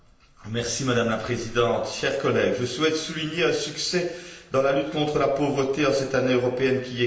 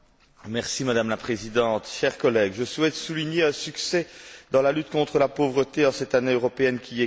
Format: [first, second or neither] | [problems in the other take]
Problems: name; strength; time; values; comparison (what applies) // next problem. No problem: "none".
second | room echo; dies away in 0.9 s